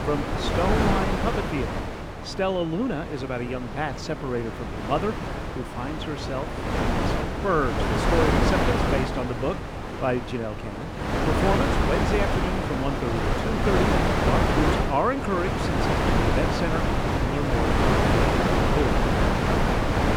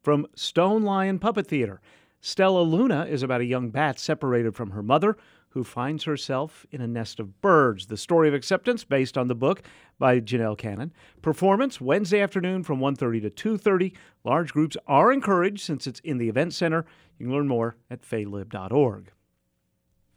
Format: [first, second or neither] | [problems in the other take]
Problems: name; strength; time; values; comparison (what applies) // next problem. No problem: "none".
second | wind noise on the microphone; heavy; 3 dB above the speech